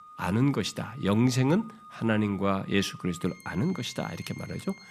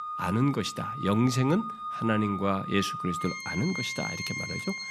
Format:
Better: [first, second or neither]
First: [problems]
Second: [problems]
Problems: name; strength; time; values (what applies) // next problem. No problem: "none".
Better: first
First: background music; faint; throughout; 20 dB below the speech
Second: background music; loud; throughout; 5 dB below the speech